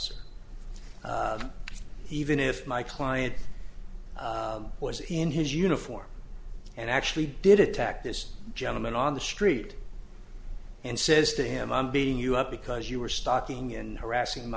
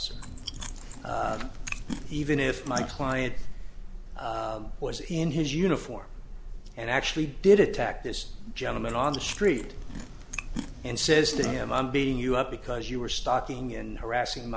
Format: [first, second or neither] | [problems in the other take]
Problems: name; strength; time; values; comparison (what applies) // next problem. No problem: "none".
first | background sound (Chewing, mastication); 10 dB below the speech